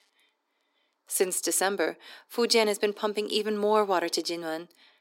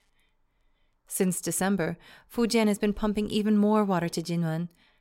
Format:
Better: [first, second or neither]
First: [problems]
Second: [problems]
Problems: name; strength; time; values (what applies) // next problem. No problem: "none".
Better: second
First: thin; somewhat; fading below 300 Hz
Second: none